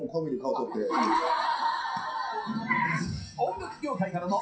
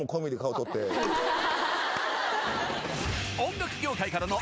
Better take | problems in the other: second | noise reduction (classical method WPE with log-MMSE)

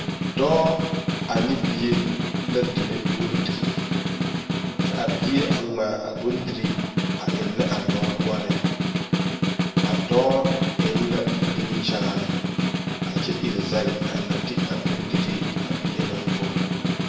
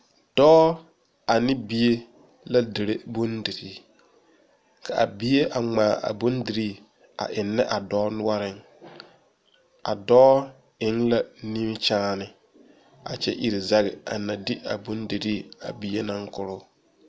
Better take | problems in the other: second | background sound (Snare drum); 3 dB above the speech // room echo; dies away in 1 s

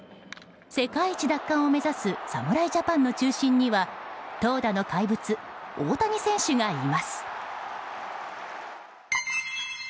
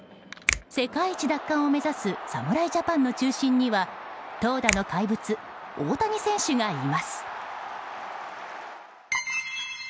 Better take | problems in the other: first | background sound (Finger snapping); 6 dB below the speech

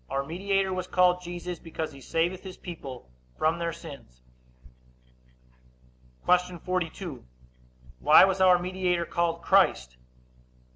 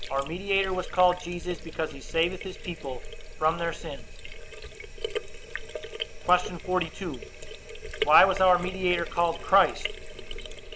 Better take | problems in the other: first | background sound (Sink (filling or washing)); 9 dB below the speech

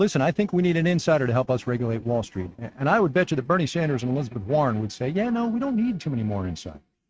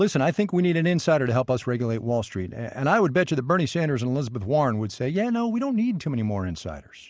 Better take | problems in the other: second | noise reduction (neural mask model RNNoise)

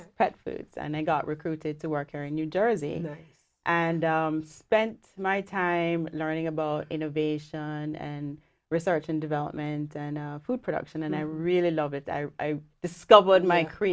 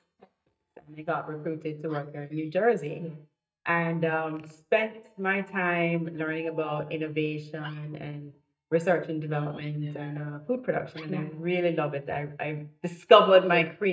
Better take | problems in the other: first | noise reduction (neural mask model DeepFilterNet 3)

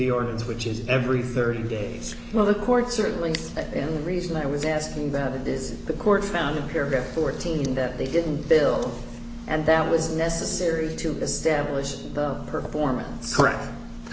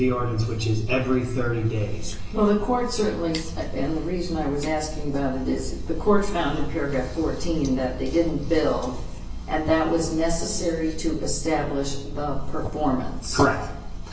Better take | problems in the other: first | room echo; dies away in 0.3 s

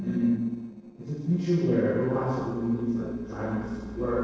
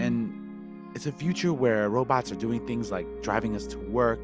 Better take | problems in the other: second | noise reduction (neural separator model SepFormer DNS4)

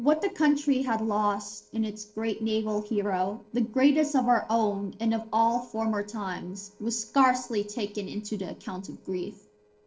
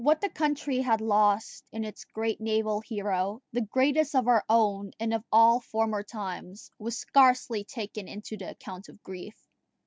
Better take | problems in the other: second | noise reduction (neural separator model SepFormer DNS4)

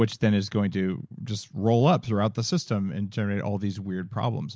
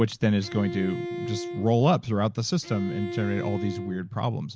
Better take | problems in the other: first | background sound (Bowed string instrument); 10 dB below the speech

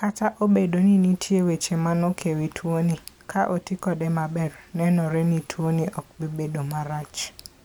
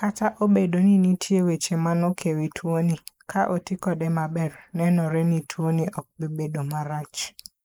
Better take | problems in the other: first | noise reduction (neural mask model Resemble Enhance denoiser)

